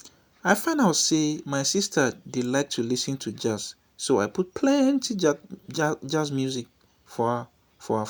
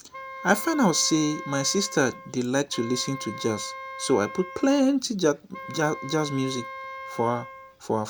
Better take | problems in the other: first | background sound (Wind instrument, woodwind instrument); 13 dB below the speech

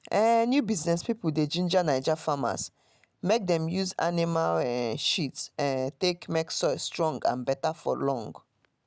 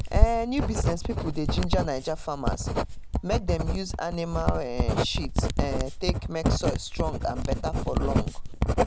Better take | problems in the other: first | background sound (Writing); 5 dB above the speech

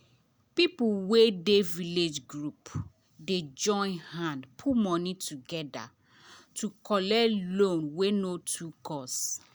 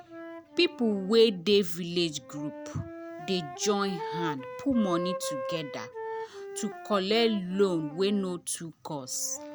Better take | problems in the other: first | background sound (Wind instrument, woodwind instrument); 11 dB below the speech

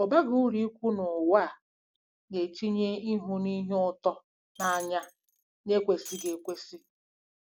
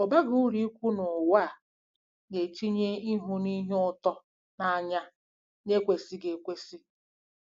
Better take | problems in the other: second | background sound (Shatter); 16 dB below the speech

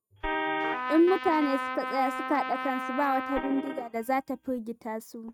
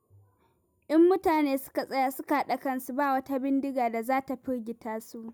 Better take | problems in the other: second | noise reduction (neural mask model RNNoise)

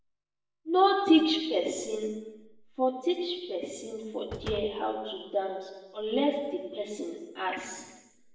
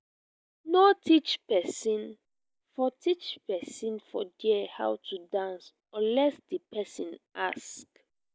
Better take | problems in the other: second | background sound (Slam); 16 dB below the speech // room echo; dies away in 1 s

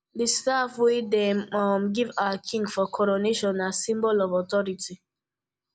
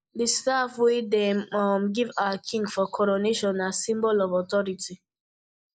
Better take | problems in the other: first | noise reduction (neural mask model Resemble Enhance denoiser)

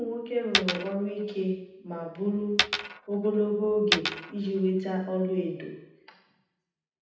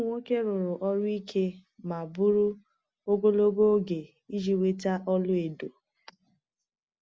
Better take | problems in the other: second | background sound (Coin (dropping)); 2 dB below the speech // room echo; dies away in 0.8 s

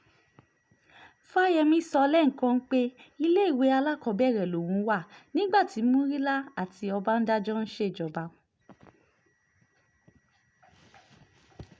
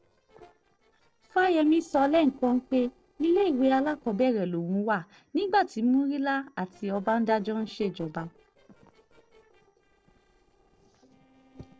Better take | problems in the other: first | noise reduction (neural separator model SepFormer DNS4)

